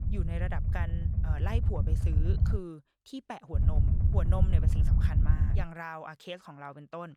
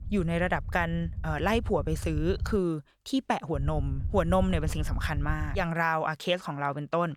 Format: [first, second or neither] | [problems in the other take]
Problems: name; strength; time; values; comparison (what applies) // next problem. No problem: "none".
second | low rumble; loud; until 2.5 s and from 3.5 to 5.5 s; 2 dB below the speech; faint in the second